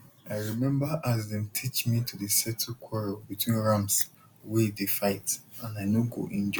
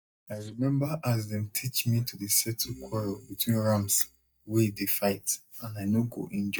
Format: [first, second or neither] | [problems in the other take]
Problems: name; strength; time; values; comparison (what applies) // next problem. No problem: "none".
first | noise reduction (neural mask model DeepFilterNet 3)